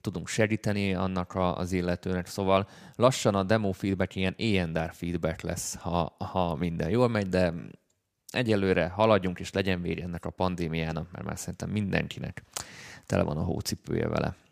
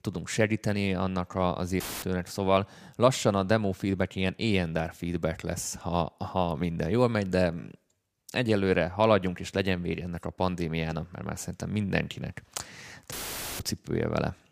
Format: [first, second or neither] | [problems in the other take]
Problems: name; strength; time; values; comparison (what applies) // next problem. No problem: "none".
first | audio cutting out; filled with static; at 2 s and at 13 s